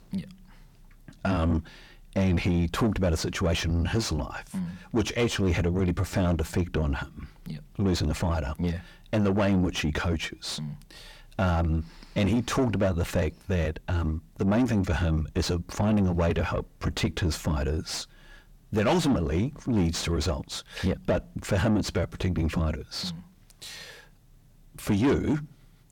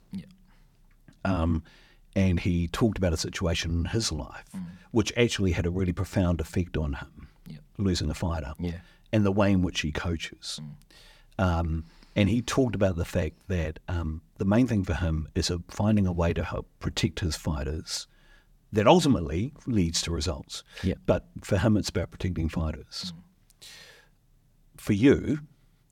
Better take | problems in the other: second | distortion; heavy; 7 dB below the speech

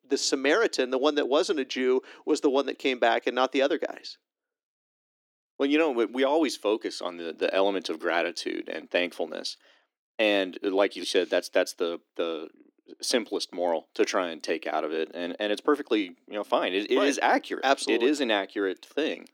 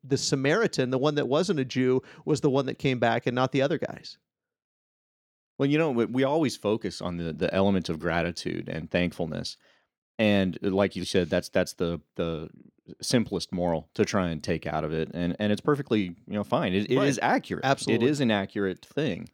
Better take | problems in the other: second | thin; somewhat; fading below 300 Hz

